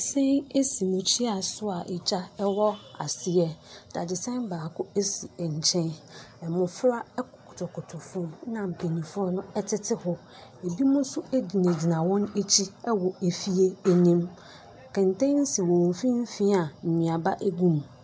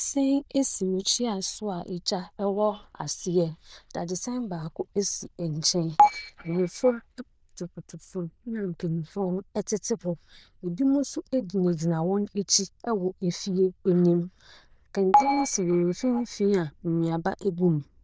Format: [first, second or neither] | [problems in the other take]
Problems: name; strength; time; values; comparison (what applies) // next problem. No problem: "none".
first | noise reduction (neural diffusion model UNIVERSE++)